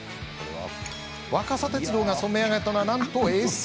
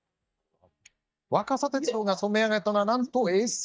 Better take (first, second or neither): first